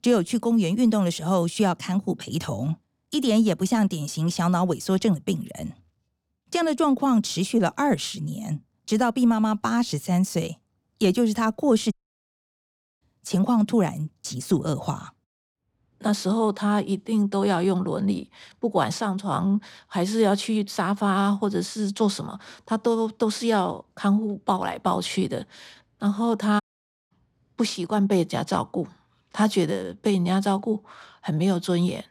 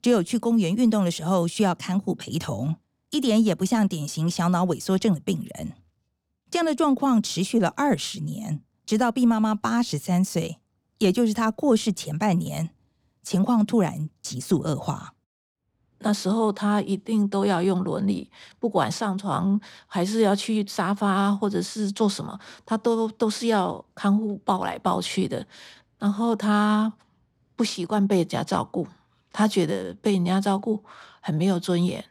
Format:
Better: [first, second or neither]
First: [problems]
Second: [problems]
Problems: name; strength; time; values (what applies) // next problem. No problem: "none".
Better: second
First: audio cutting out; at 12 s for 1 s and at 27 s for 0.5 s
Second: none